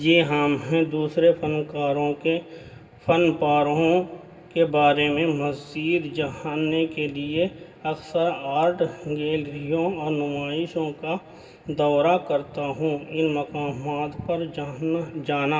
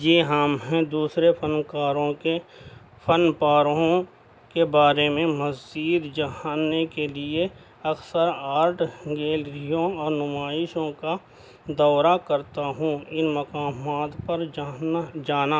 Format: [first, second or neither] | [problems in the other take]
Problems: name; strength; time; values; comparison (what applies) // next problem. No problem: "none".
second | room echo; dies away in 2 s